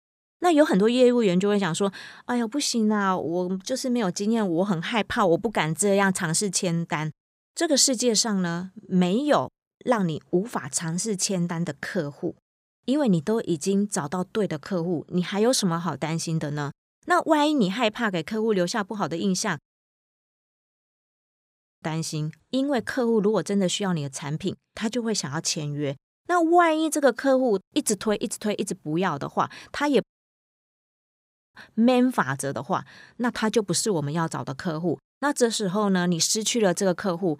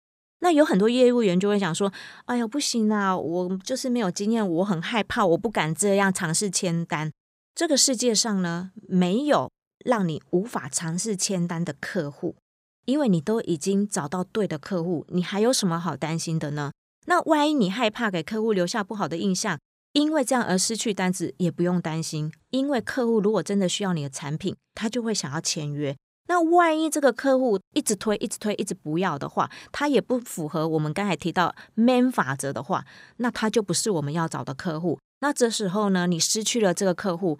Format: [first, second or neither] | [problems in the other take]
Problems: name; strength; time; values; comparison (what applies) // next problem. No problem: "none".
second | audio cutting out; at 20 s for 2 s and at 30 s for 1.5 s